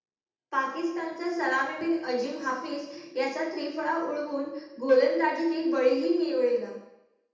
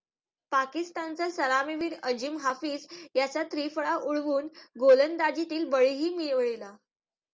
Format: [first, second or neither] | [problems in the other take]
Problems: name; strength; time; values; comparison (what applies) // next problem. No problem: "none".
second | room echo; dies away in 0.8 s